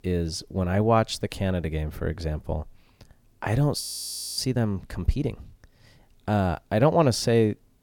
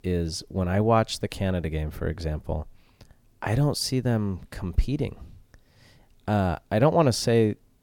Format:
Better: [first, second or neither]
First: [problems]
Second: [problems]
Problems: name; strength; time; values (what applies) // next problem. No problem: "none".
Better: second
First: audio freezing; at 4 s for 0.5 s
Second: none